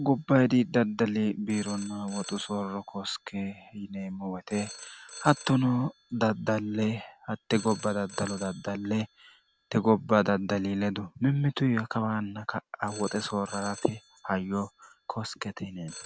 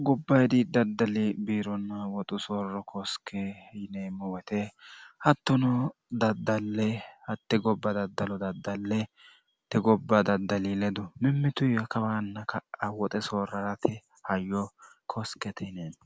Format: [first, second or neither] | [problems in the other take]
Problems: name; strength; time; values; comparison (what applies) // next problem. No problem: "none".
second | background sound (Telephone); 19 dB below the speech